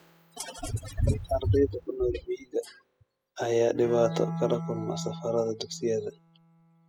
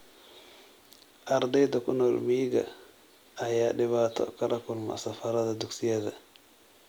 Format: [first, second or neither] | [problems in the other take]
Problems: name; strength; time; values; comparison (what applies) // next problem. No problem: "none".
second | noise reduction (classical method spectral subtraction)